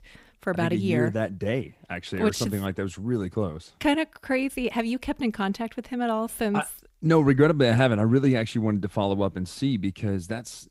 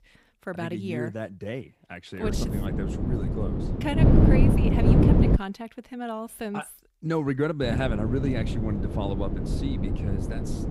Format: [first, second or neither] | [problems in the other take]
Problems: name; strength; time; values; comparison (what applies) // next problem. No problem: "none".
first | wind noise on the microphone; heavy; from 2 to 5.5 s and from 7.5 s on; 2 dB above the speech